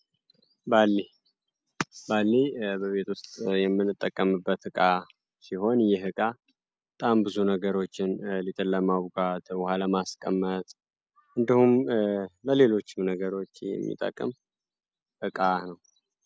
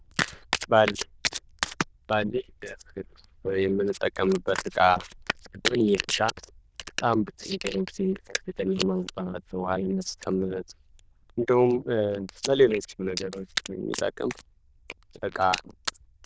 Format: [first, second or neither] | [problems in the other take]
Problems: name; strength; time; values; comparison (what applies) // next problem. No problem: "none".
first | noise reduction (neural diffusion model UNIVERSE++)